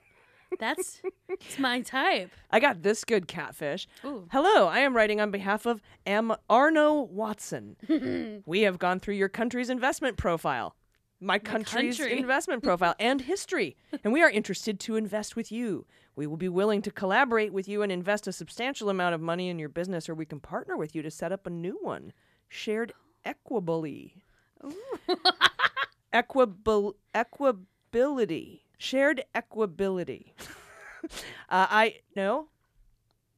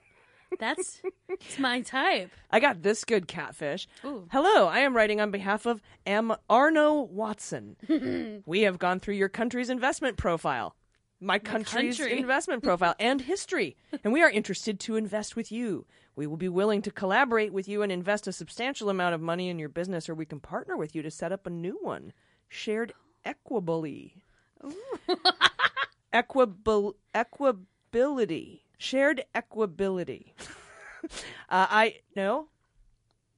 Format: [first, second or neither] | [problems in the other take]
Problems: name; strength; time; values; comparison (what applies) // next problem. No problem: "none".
first | garbled, watery; slightly; nothing above 10.5 kHz